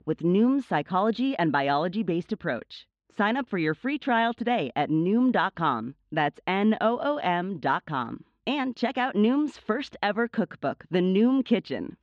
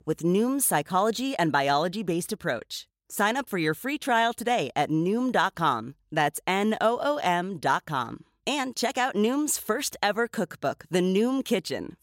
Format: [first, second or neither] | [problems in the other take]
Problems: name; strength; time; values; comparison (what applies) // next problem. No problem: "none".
second | muffled; slightly; fading above 3.5 kHz